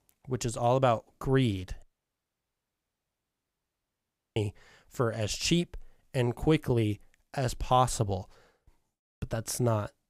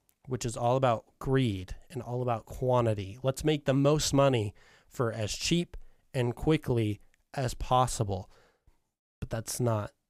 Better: second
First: audio cutting out; at 2 s for 2.5 s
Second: none

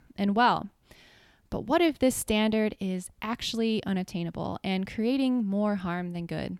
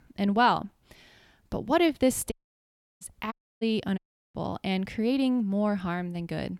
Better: first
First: none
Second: audio cutting out; at 2.5 s for 0.5 s, at 3.5 s and at 4 s

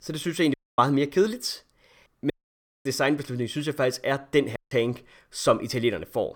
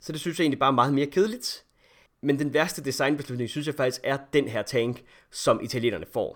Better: second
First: audio cutting out; at 0.5 s, at 2.5 s for 0.5 s and at 4.5 s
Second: none

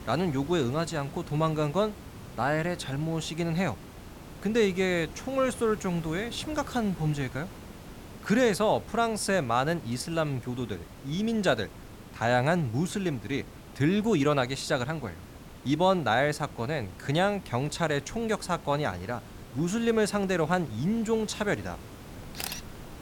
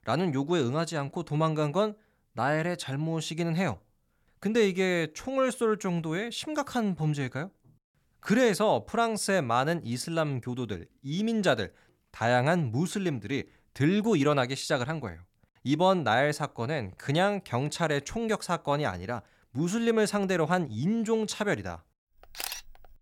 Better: second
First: hiss; noticeable; throughout; 15 dB below the speech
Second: none

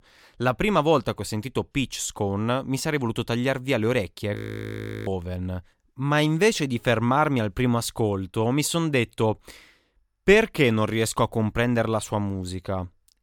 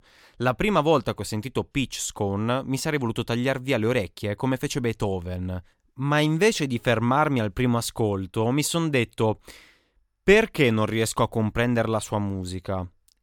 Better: second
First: audio freezing; at 4.5 s for 0.5 s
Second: none

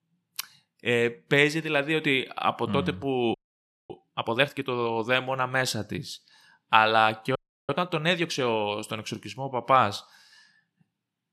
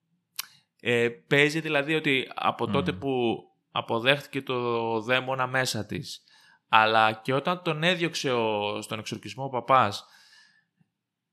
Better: second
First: audio freezing; at 3.5 s for 0.5 s and at 7.5 s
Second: none

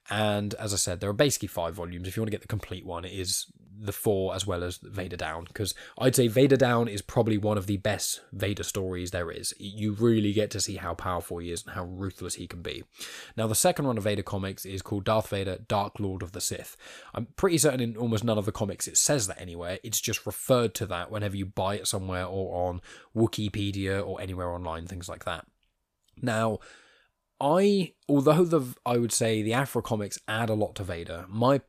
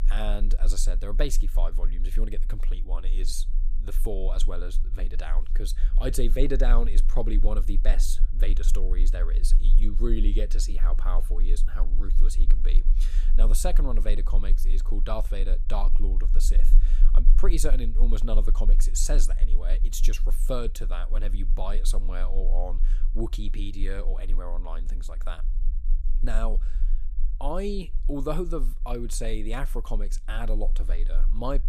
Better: first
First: none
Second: low rumble; noticeable; throughout; 20 dB below the speech

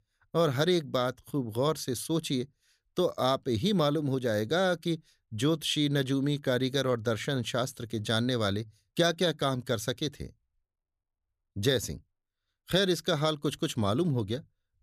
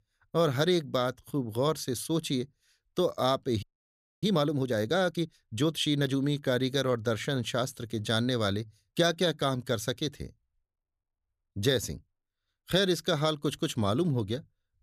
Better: first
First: none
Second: audio freezing; at 3.5 s for 0.5 s

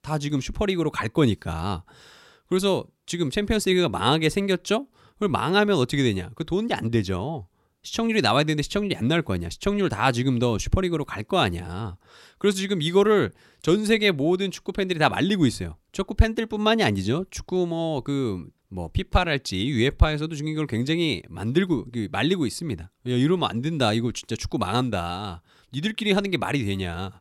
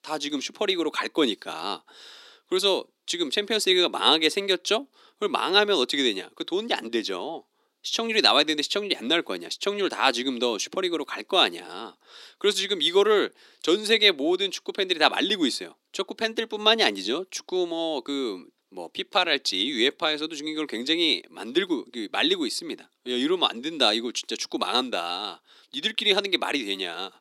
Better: first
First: none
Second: thin; somewhat; fading below 250 Hz

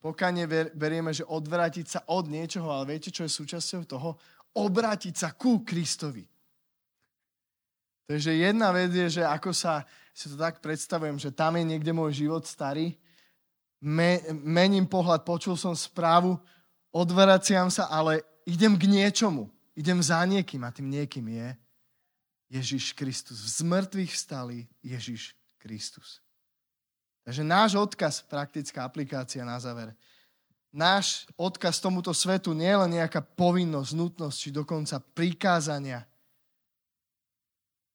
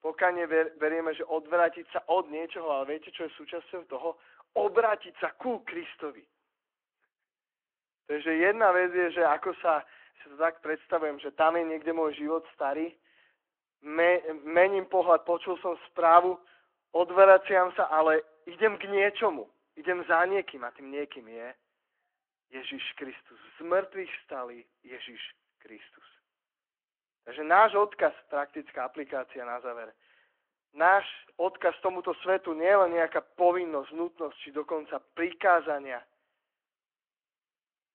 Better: first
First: none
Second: phone-call audio

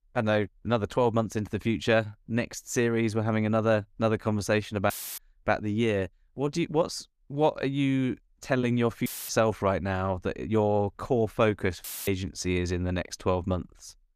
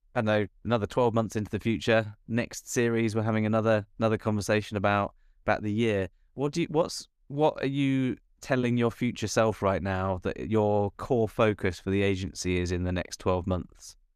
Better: second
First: audio cutting out; filled with static; at 5 s, at 9 s and at 12 s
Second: none

